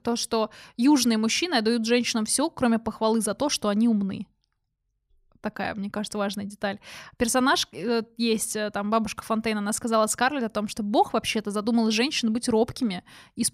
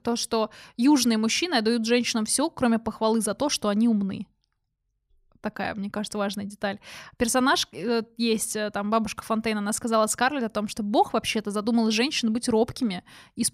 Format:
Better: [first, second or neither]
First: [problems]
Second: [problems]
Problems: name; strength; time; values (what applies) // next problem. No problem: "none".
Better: neither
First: none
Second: none